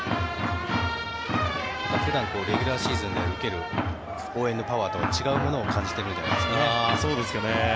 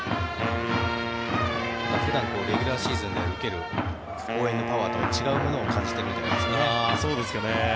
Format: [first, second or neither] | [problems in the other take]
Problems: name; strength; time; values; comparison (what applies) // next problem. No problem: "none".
first | background sound (Wind instrument, woodwind instrument); 7 dB below the speech